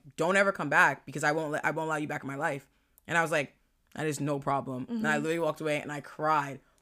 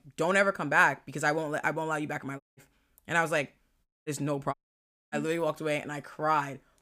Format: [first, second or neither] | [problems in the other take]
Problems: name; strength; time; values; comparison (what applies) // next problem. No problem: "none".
first | audio cutting out; at 2.5 s, at 4 s and at 4.5 s for 0.5 s